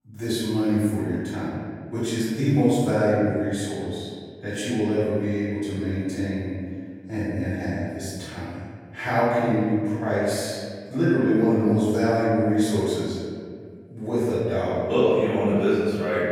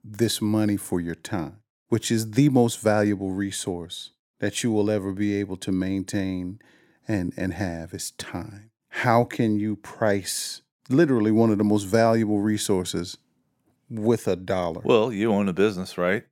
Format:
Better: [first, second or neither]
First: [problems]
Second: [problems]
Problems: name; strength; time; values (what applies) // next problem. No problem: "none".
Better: second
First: room echo; strong; dies away in 1.9 s // off-mic speech; far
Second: none